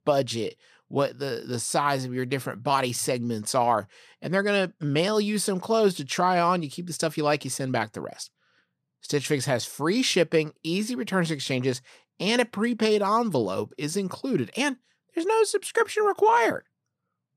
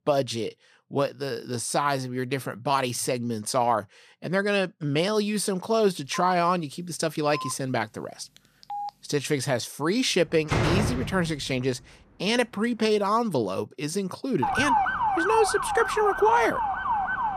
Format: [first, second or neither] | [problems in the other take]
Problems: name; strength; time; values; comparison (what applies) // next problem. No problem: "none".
first | phone ringing; noticeable; from 6 to 9 s; peak 9 dB below the speech // door banging; loud; at 10 s; peak 2 dB above the speech // siren; loud; from 14 s on; peak 3 dB above the speech